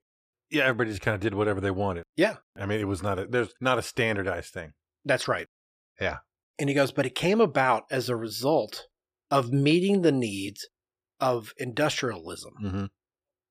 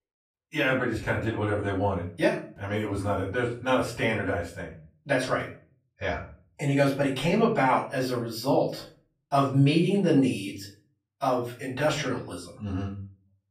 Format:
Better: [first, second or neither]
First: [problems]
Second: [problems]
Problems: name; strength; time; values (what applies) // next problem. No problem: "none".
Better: first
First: none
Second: room echo; slight; dies away in 0.4 s // off-mic speech; far